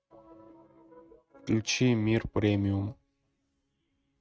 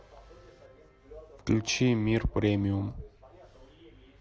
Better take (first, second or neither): second